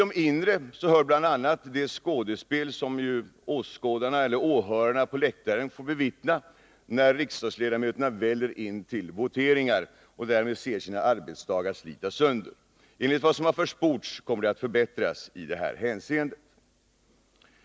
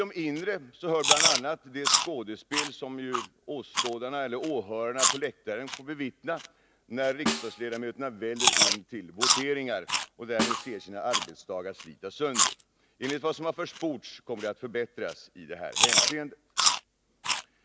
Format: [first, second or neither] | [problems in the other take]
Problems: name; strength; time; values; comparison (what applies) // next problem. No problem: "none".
first | background sound (Snare drum + Chewing, mastication); 3 dB above the speech